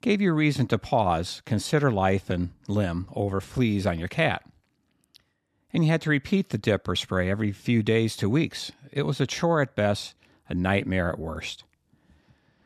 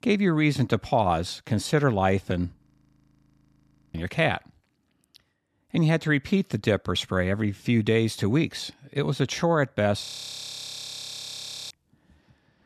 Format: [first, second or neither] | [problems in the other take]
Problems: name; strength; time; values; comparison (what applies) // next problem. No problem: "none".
first | audio freezing; at 2.5 s for 1.5 s and at 10 s for 1.5 s